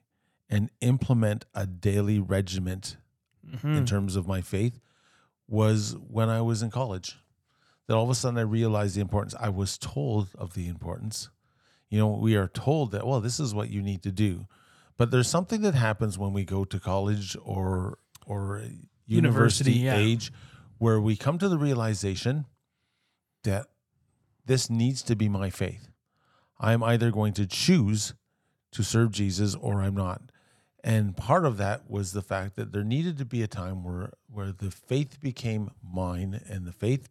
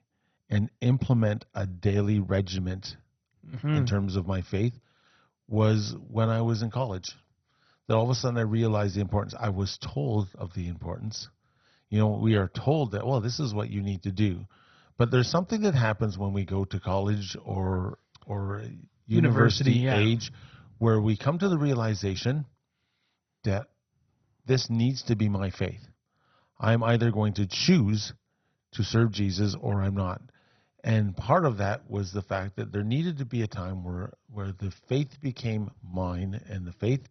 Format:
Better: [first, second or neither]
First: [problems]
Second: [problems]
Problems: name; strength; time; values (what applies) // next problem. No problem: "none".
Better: first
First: none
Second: garbled, watery; badly; nothing above 6 kHz